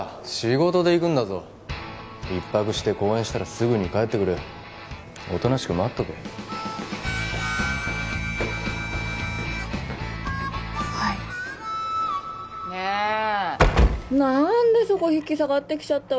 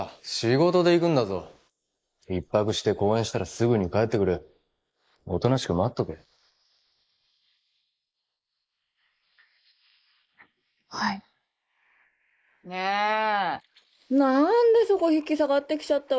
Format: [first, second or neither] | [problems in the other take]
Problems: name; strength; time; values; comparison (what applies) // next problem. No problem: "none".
first | noise reduction (neural mask model Resemble Enhance denoiser)